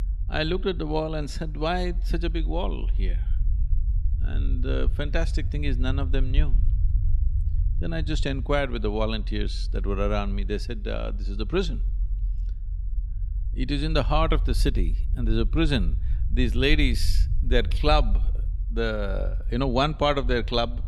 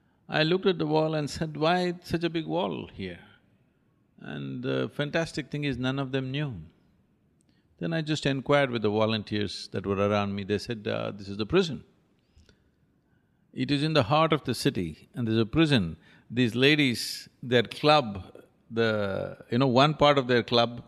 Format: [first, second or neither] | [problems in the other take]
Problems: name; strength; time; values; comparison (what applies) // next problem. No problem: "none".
second | low rumble; faint; throughout; 20 dB below the speech